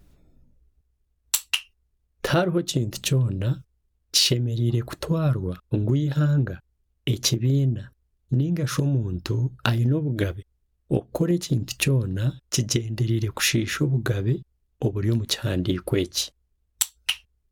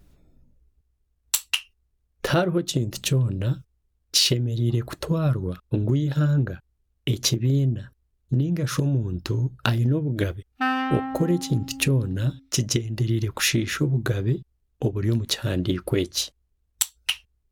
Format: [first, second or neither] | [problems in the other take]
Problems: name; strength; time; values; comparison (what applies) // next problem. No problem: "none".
first | background sound (Wind instrument, woodwind instrument); 7 dB below the speech